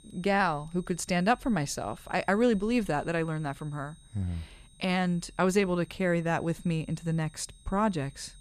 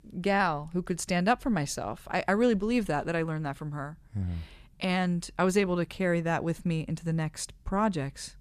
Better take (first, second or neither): second